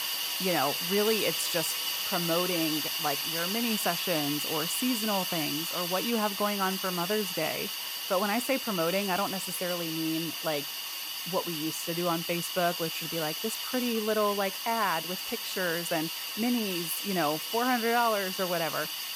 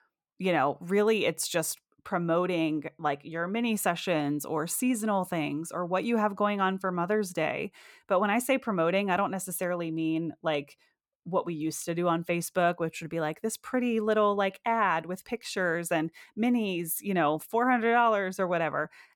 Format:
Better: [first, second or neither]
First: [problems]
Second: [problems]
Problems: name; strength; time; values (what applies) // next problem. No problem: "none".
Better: second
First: hiss; loud; throughout; as loud as the speech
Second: none